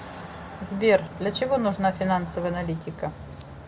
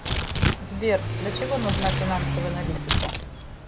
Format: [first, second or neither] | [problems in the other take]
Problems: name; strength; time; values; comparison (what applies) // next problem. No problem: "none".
first | background sound (Tearing + Accelerating, revving, vroom / Car); 2 dB above the speech